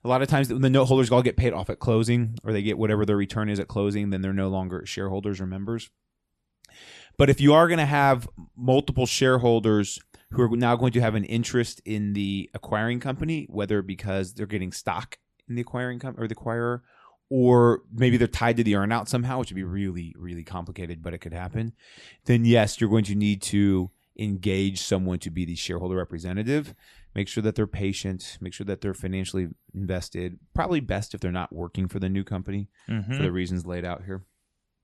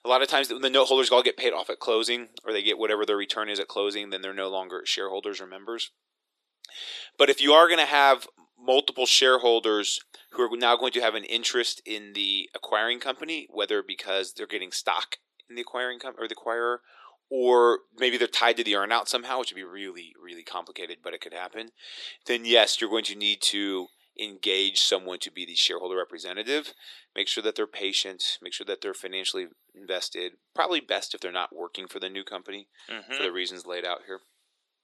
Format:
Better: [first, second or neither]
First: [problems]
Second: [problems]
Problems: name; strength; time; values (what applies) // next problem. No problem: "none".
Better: first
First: none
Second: thin; very; fading below 350 Hz